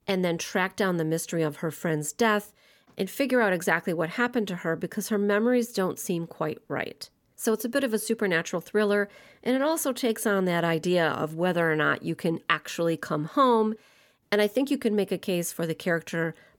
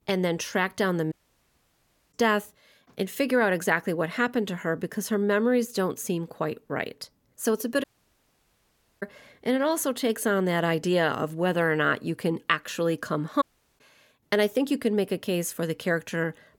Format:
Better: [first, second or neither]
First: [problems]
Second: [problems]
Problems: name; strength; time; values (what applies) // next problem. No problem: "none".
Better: first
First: none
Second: audio cutting out; at 1 s for 1 s, at 8 s for 1 s and at 13 s